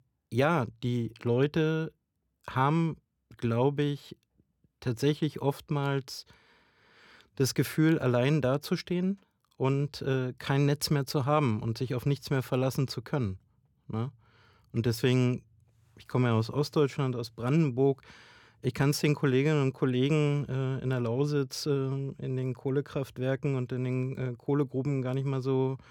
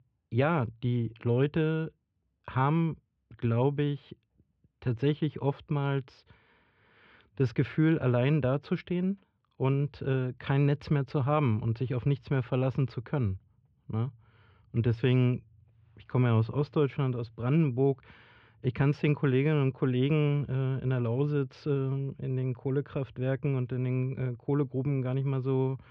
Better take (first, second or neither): first